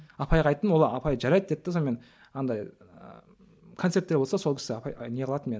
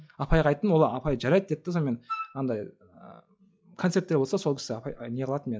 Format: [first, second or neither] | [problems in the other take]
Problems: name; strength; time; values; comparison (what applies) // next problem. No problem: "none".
first | noise reduction (classical method log-MMSE)